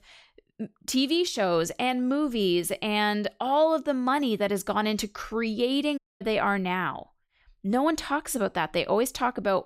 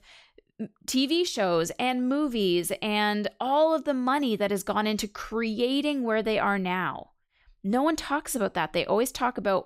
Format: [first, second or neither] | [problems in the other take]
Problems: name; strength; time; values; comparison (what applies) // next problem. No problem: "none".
second | audio cutting out; at 6 s